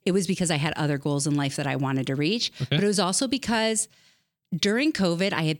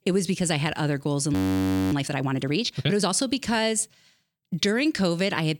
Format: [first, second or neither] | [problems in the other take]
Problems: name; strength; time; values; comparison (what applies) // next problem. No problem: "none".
first | audio freezing; at 1.5 s for 0.5 s